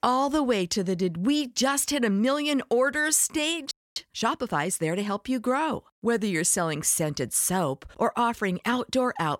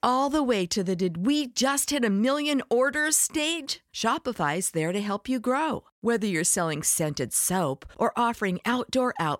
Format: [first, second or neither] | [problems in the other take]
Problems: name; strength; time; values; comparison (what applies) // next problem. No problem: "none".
second | audio freezing; at 3.5 s